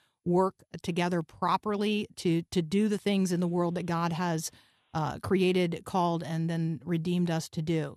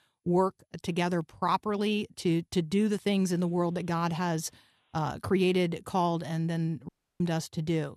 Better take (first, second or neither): first